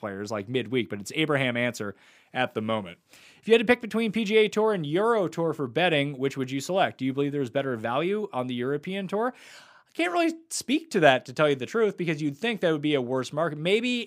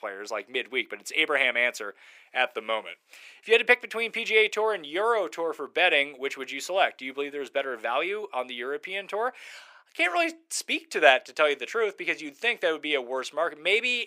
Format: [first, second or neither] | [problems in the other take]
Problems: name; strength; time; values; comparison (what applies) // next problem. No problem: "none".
first | thin; very; fading below 450 Hz